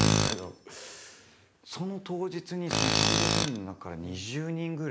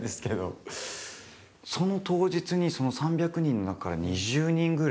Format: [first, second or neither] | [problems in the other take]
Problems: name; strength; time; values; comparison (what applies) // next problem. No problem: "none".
second | background sound (Tools); 5 dB above the speech